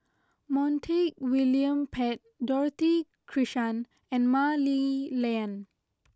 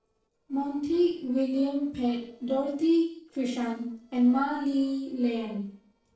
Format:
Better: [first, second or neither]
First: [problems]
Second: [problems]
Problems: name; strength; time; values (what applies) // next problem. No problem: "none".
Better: first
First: none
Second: noise reduction (neural separator model SepFormer DNS4)